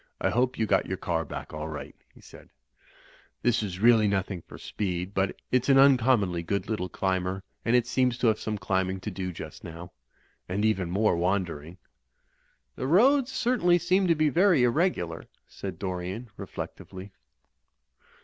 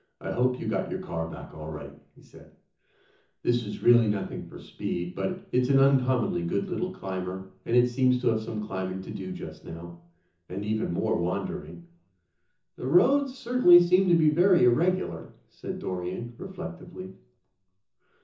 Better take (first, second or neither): first